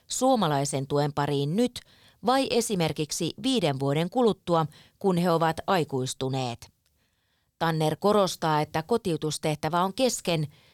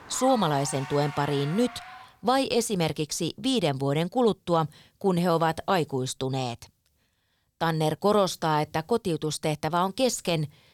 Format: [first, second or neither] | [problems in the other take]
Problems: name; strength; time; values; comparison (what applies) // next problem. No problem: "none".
first | traffic noise; noticeable; throughout; 15 dB below the speech